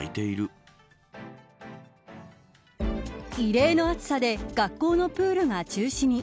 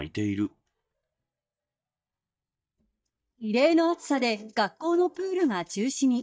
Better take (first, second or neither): first